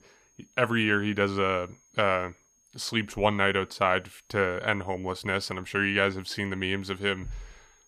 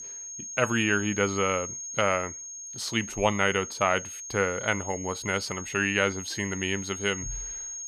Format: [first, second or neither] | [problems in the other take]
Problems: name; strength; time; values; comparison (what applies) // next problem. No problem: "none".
first | high-pitched whine; loud; throughout; 6.5 kHz, 8 dB below the speech; faint in the first